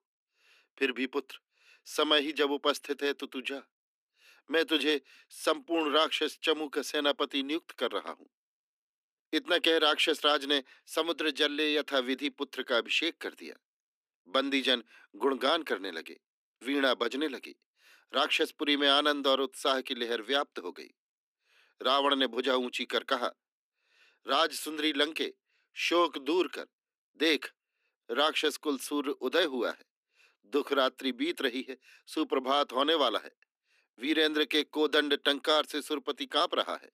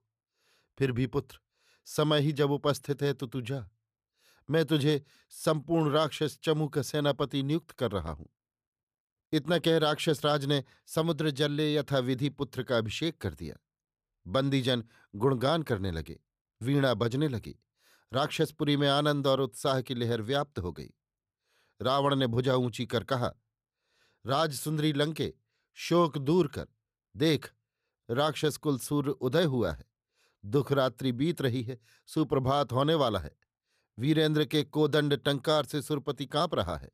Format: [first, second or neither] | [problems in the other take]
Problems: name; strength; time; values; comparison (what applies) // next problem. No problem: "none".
second | thin; very slightly; fading below 250 Hz